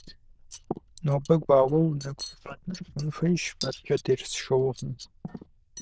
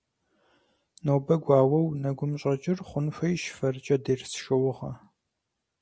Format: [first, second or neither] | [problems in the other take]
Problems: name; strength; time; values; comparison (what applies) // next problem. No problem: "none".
second | noise reduction (neural diffusion model UNIVERSE++)